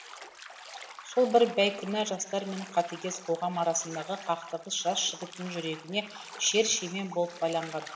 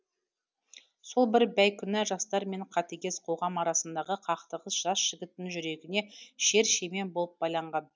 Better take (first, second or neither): second